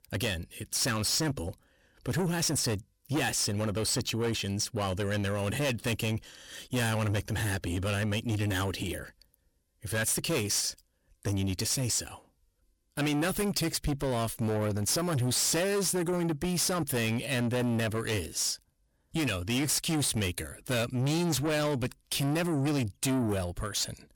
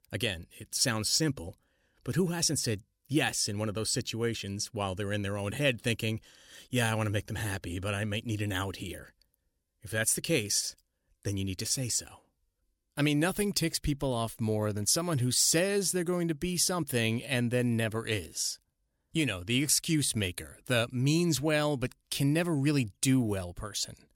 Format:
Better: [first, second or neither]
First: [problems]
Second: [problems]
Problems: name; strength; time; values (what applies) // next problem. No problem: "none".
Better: second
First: distortion; heavy; 7 dB below the speech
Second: none